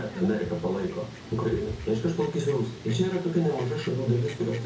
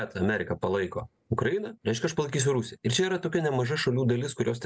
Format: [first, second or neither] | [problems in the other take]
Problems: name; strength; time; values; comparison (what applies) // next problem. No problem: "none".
second | background sound (Fowl); 14 dB below the speech // room echo; dies away in 0.6 s